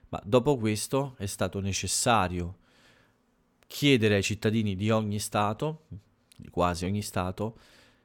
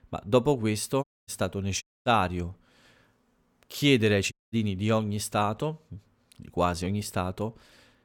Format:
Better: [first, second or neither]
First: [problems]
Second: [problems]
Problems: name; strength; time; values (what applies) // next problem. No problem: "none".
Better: first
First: none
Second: audio cutting out; at 1 s, at 2 s and at 4.5 s